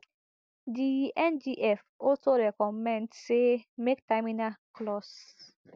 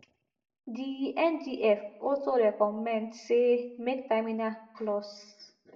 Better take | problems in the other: first | room echo; dies away in 0.4 s

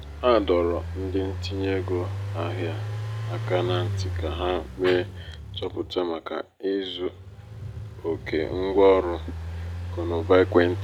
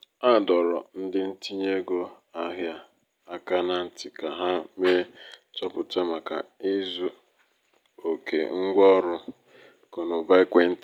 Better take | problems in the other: second | background sound (Engine); 7 dB below the speech

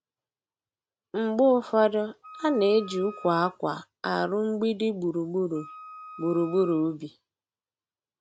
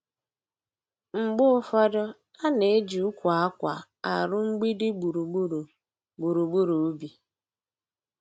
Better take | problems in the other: second | background sound (Wind instrument, woodwind instrument); 18 dB below the speech

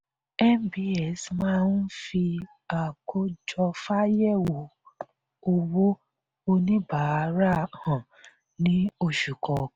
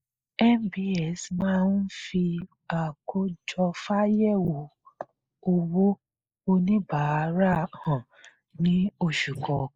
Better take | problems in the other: first | noise reduction (neural mask model Resemble Enhance denoiser)

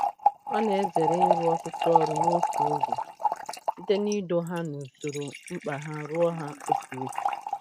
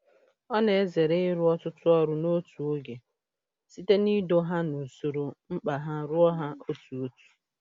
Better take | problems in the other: second | noise reduction (neural mask model RNNoise)

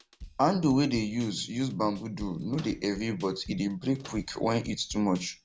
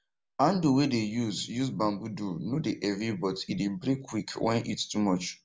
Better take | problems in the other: second | background sound (Microwave oven + Drum kit); 20 dB below the speech

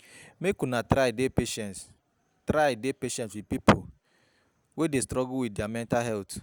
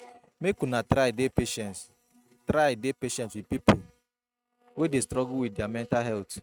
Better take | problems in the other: first | noise reduction (neural mask model RNNoise)

